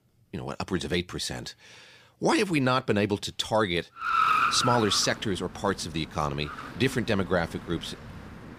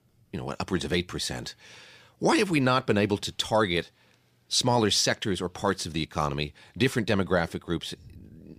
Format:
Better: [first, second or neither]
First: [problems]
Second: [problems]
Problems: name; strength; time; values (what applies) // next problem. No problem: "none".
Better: second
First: traffic noise; very loud; from 4 s on; as loud as the speech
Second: none